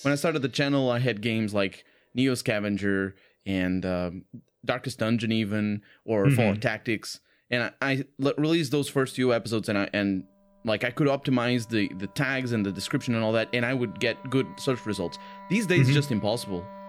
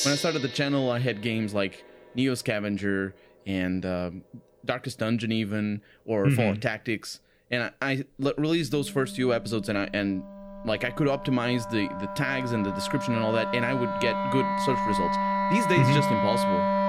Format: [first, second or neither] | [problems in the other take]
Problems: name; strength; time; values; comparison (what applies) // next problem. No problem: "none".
first | background music; loud; throughout; 2 dB below the speech; faint in the first